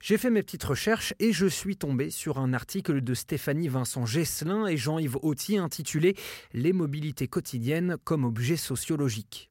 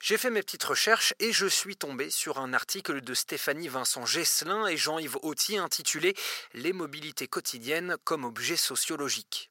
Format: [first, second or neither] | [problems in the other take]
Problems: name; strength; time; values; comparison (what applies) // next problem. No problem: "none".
first | thin; very; fading below 550 Hz